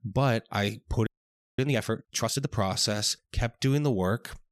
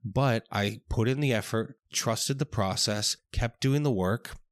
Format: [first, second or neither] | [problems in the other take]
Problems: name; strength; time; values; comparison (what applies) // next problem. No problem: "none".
second | audio freezing; at 1 s for 0.5 s